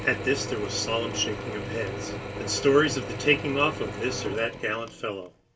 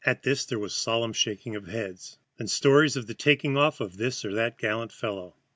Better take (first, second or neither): second